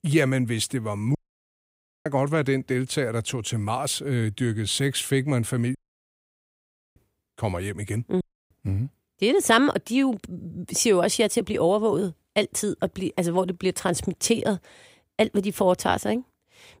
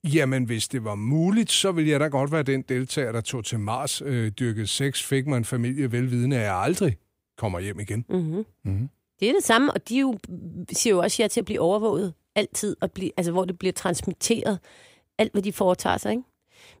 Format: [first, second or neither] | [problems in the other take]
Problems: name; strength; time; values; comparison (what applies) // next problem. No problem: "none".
second | audio cutting out; at 1 s for 1 s, at 6 s for 1 s and at 8 s